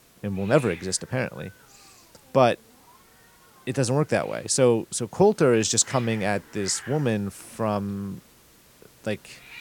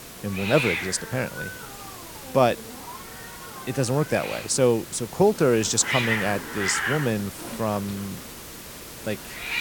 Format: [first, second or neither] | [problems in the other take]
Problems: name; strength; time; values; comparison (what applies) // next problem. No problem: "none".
first | hiss; loud; throughout; 7 dB below the speech; faint in the first